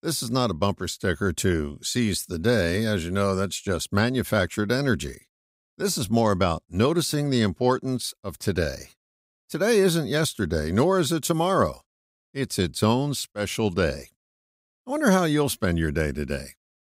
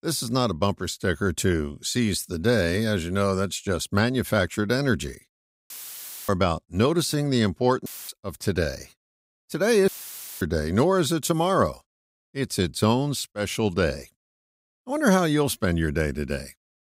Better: first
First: none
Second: audio cutting out; filled with static; at 5.5 s for 0.5 s, at 8 s and at 10 s for 0.5 s

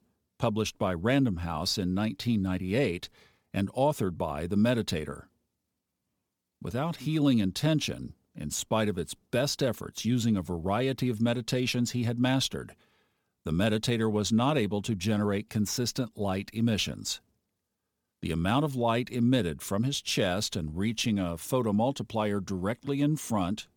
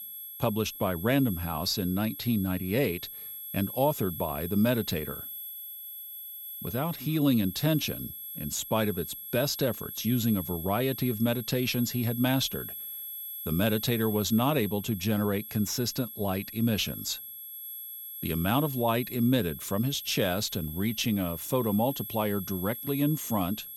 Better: first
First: none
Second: high-pitched whine; loud; throughout; 11.5 kHz, 9 dB below the speech

